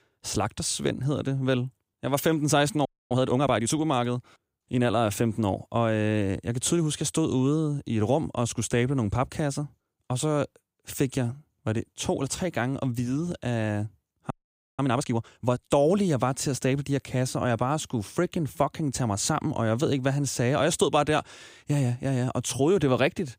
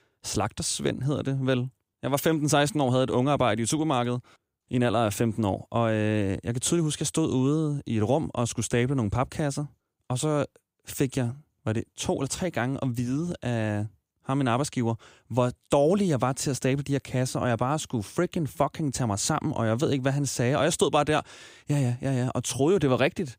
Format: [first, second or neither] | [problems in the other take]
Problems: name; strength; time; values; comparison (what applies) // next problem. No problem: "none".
second | audio freezing; at 3 s and at 14 s